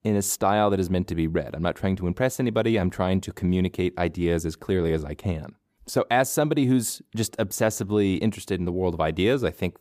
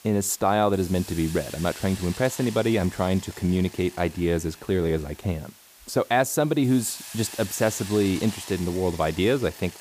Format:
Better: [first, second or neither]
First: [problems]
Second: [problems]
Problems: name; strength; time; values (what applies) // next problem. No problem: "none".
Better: first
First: none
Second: hiss; noticeable; throughout; 15 dB below the speech